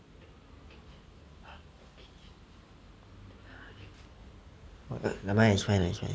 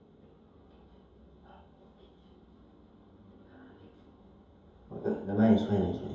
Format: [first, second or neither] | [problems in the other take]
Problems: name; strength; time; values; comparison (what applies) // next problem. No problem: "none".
first | room echo; dies away in 2.8 s